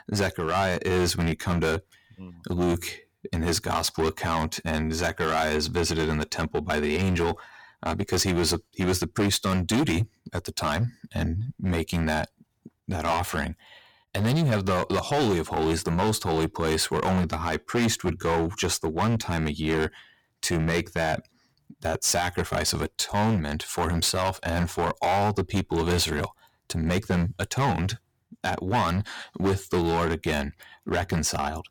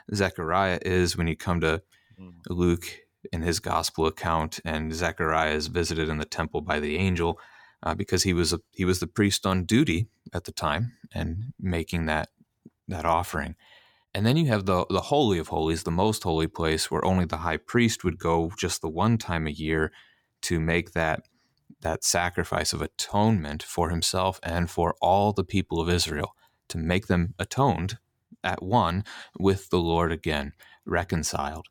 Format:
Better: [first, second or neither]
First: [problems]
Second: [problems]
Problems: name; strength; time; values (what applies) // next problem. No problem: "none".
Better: second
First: distortion; heavy; 11% of the sound clipped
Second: none